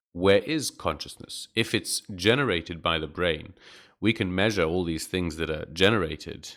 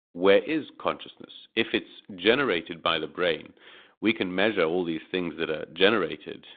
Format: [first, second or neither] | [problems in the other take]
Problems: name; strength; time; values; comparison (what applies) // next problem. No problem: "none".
first | phone-call audio; nothing above 3.5 kHz